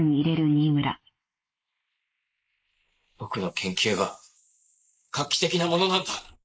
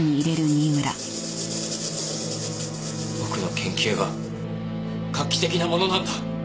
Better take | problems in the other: second | noise reduction (neural mask model Resemble Enhance denoiser)

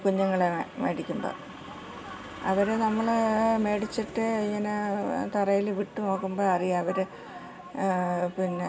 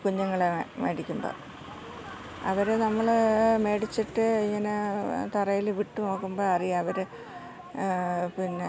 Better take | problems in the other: second | room echo; dies away in 1.7 s

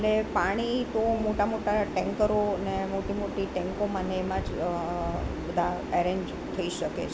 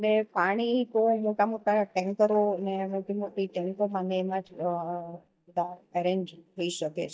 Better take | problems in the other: first | noise reduction (neural mask model DeepFilterNet 3)

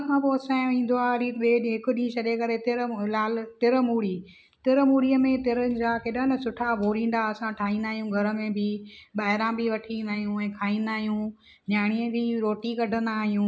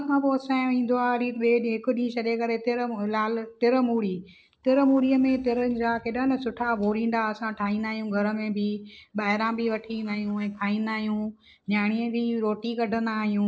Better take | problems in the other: first | noise reduction (neural separator model SepFormer DNS4)

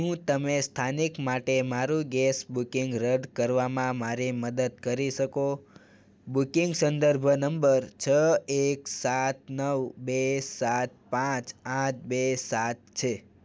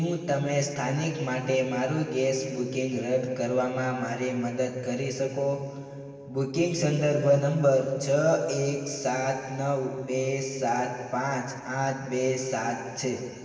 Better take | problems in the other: first | room echo; dies away in 2.5 s

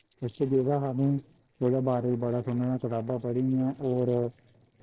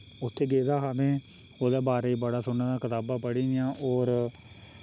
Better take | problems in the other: second | noise reduction (neural separator model SepFormer DNS4)

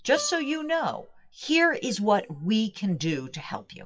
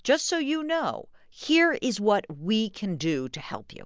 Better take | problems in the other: second | noise reduction (classical method WPE with log-MMSE)

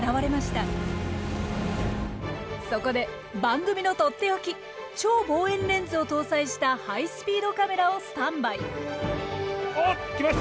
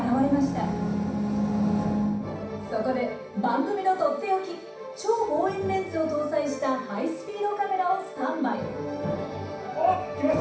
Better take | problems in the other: first | room echo; dies away in 0.7 s

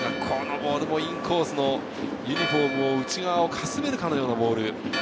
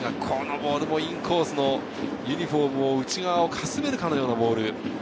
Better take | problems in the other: second | background sound (Church bell); 9 dB below the speech

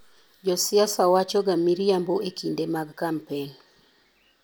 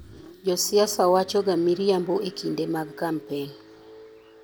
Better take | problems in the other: first | background sound (Car); 20 dB below the speech

